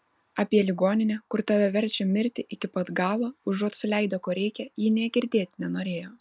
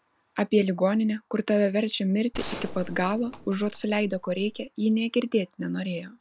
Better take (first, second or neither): first